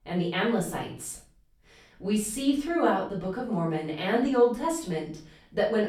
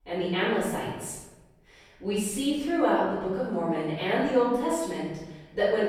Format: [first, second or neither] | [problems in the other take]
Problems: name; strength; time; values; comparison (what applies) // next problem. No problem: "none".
first | room echo; strong; dies away in 1 s; slight in the first // off-mic speech; far; far in the first